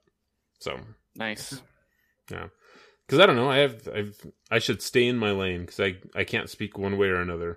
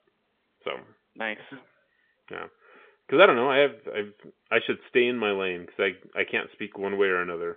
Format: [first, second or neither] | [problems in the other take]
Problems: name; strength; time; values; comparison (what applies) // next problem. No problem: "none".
first | phone-call audio; nothing above 3.5 kHz